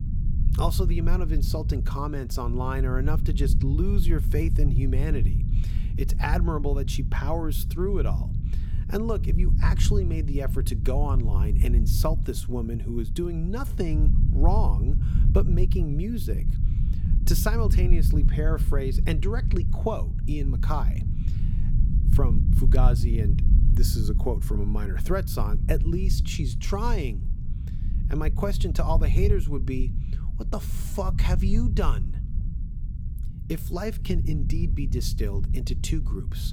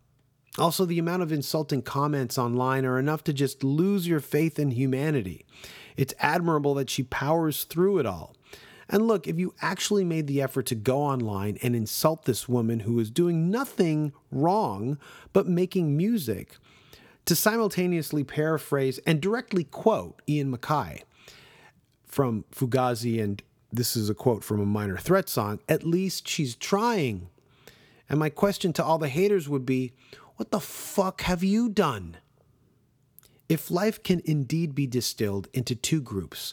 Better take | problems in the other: second | low rumble; loud; throughout; 9 dB below the speech

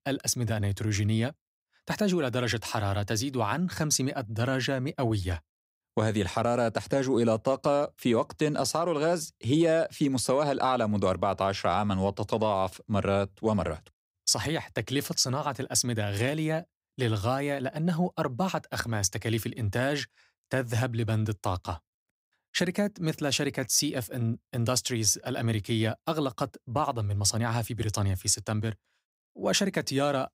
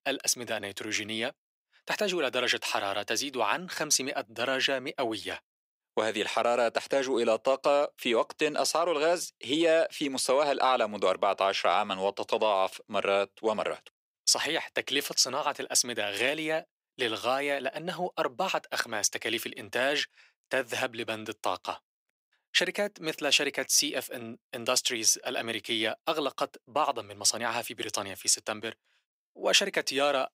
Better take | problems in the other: first | thin; somewhat; fading below 450 Hz

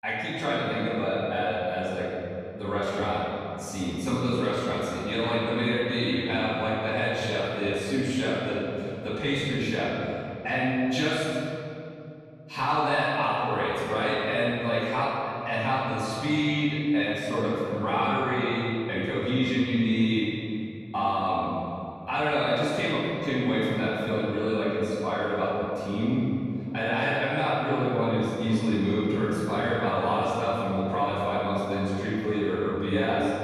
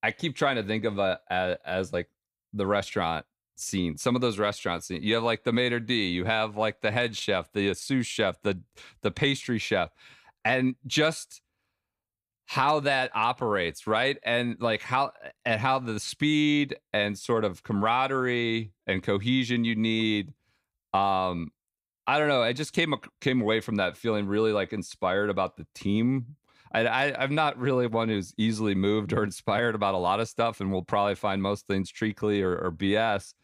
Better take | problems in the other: second | off-mic speech; far // room echo; strong; dies away in 2.8 s

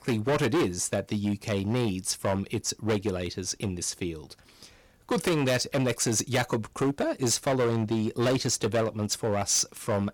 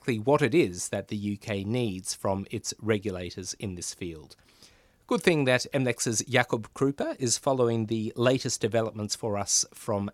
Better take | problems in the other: second | distortion; heavy; 13% of the sound clipped

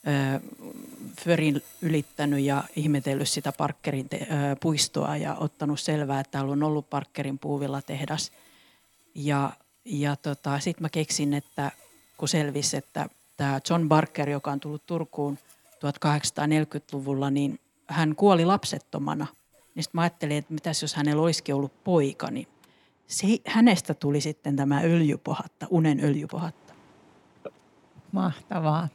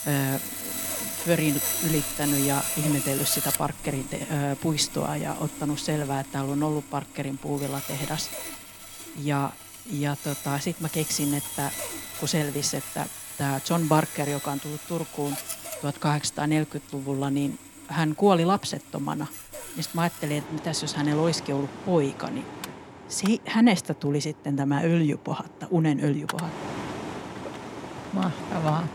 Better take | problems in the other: first | machinery noise; loud; throughout; 6 dB below the speech; faint in the first

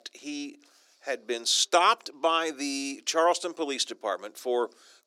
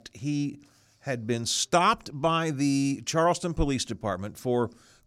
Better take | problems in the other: second | thin; somewhat; fading below 350 Hz

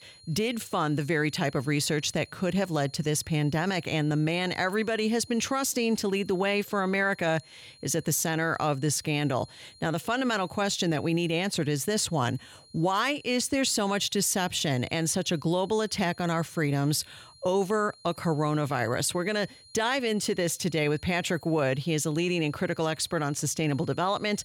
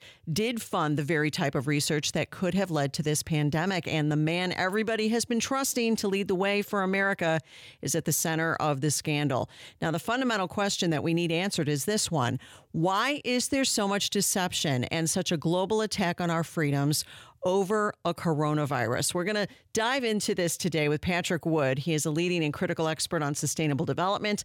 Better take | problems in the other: second | high-pitched whine; faint; throughout; 4 kHz, 25 dB below the speech

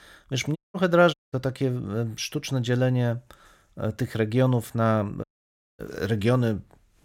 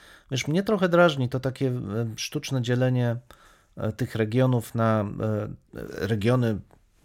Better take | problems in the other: second | audio cutting out; at 0.5 s, at 1 s and at 5 s for 0.5 s

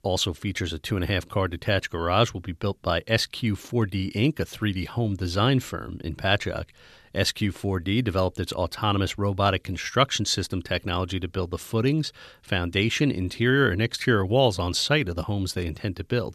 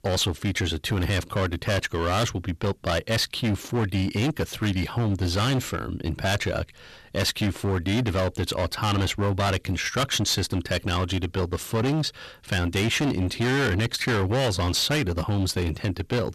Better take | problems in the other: first | distortion; heavy; 21% of the sound clipped

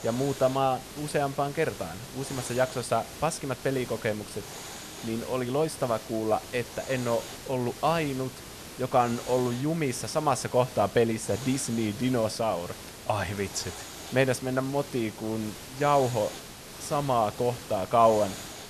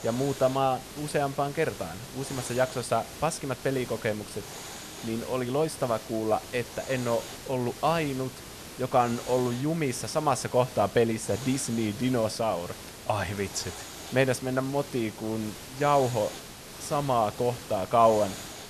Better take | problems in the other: neither | hiss; noticeable; throughout; 10 dB below the speech; the same in both

